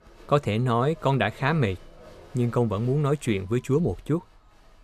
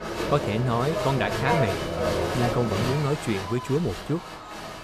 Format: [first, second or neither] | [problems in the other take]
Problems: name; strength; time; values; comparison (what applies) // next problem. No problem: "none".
first | crowd noise; loud; throughout; 2 dB below the speech; faint in the first